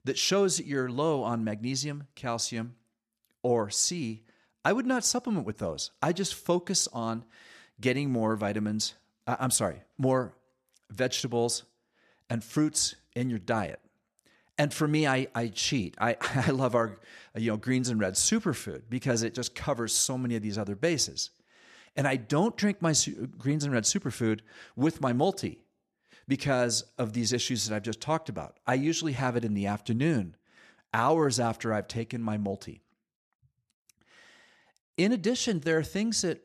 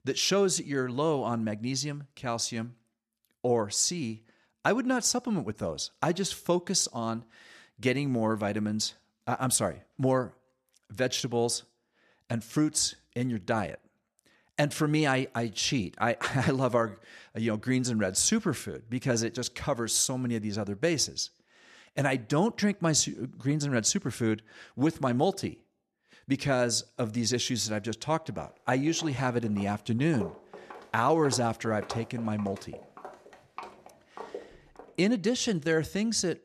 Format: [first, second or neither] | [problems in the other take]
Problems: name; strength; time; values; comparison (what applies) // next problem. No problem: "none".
first | footsteps; faint; from 29 to 35 s; peak 10 dB below the speech